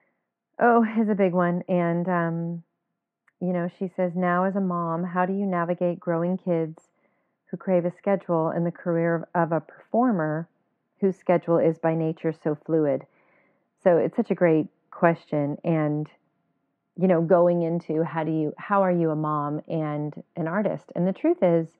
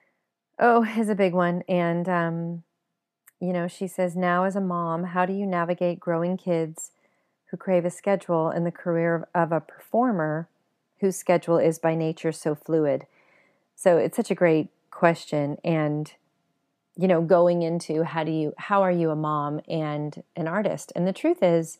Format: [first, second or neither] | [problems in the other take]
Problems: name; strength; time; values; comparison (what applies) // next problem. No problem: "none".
second | muffled; very; fading above 1.5 kHz